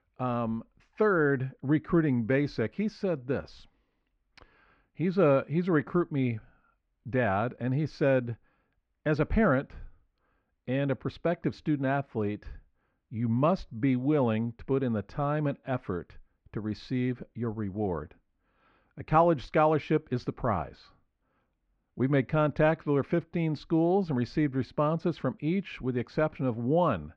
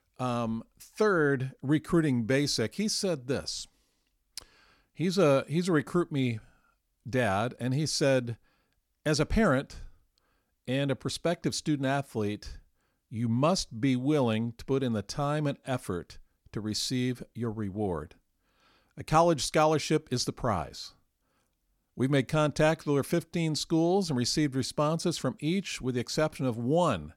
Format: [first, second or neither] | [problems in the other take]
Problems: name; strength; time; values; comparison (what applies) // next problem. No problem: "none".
second | muffled; very; fading above 2.5 kHz